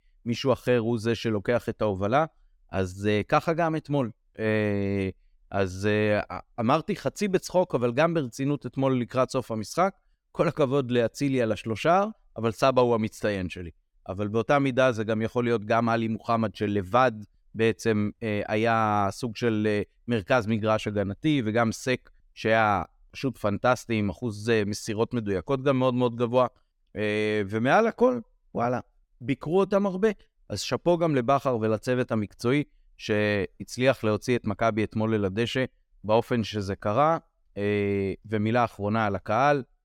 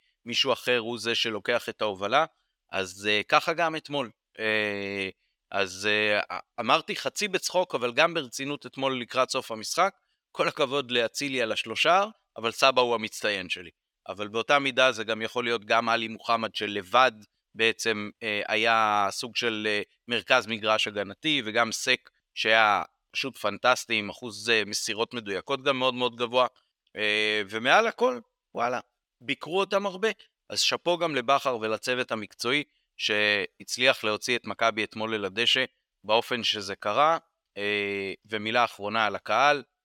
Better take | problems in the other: first | thin; somewhat; fading below 1 kHz

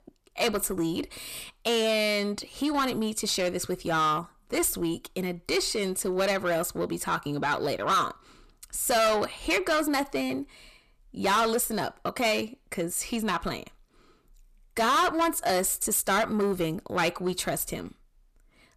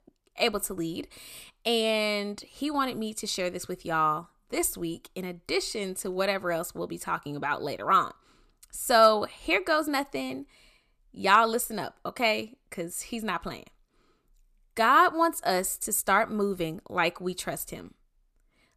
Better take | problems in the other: second | distortion; heavy; 6 dB below the speech

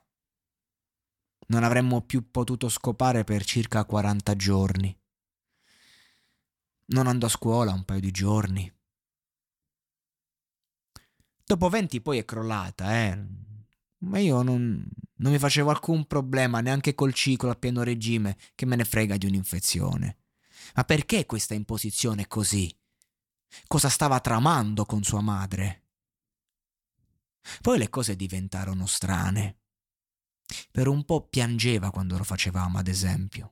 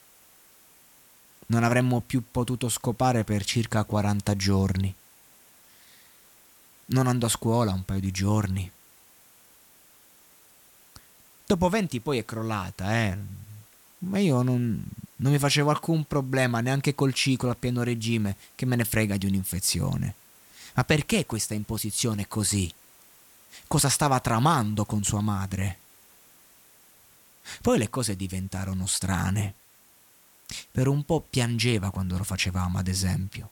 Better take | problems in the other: first | hiss; faint; throughout; 25 dB below the speech

